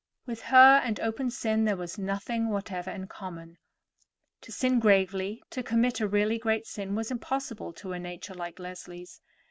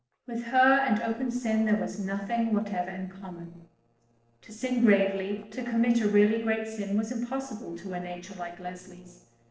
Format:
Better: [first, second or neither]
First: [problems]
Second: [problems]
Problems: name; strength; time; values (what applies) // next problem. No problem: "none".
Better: first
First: none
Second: noise reduction (neural separator model SepFormer DNS4)